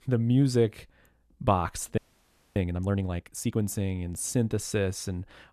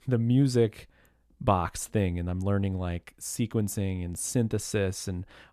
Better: second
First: audio freezing; at 2 s for 0.5 s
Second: none

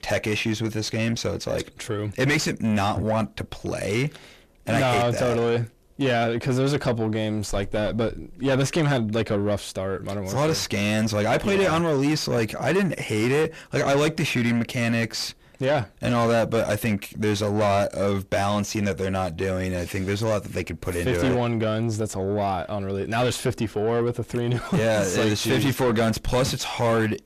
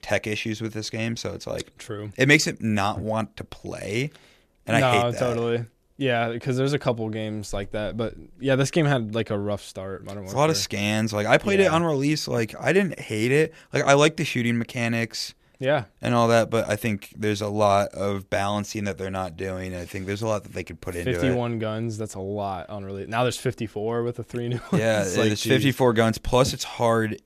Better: second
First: distortion; heavy; 7 dB below the speech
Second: none

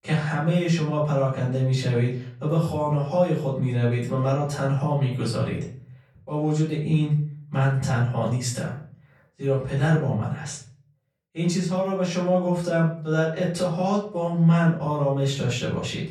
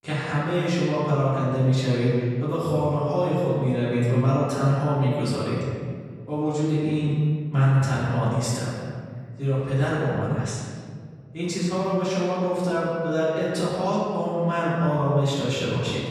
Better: first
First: room echo; slight; dies away in 0.4 s // off-mic speech; far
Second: room echo; strong; dies away in 1.7 s // off-mic speech; far

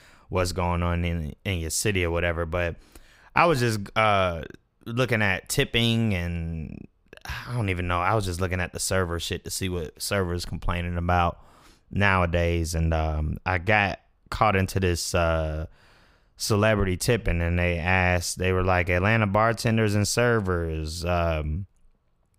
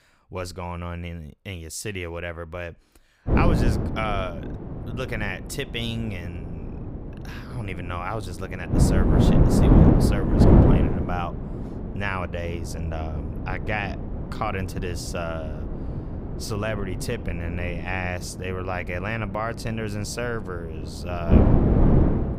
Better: first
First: none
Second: wind noise on the microphone; heavy; from 3.5 s on; 2 dB above the speech

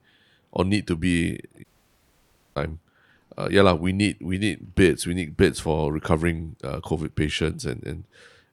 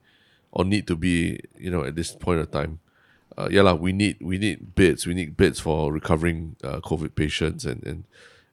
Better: second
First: audio cutting out; at 1.5 s for 1 s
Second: none

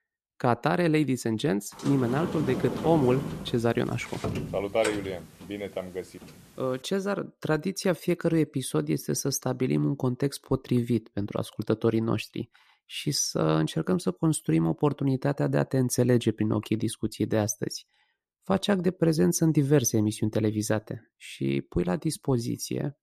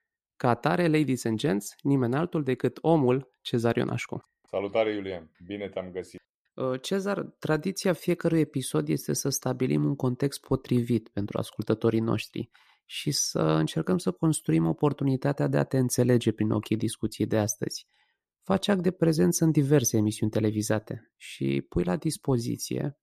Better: second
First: door banging; noticeable; from 2 to 6 s; peak 5 dB below the speech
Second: none

